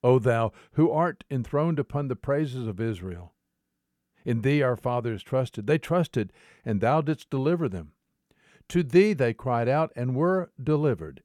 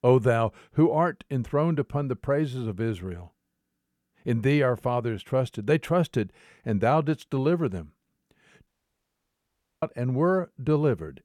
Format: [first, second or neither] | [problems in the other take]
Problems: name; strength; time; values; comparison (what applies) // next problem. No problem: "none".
first | audio cutting out; at 8.5 s for 1 s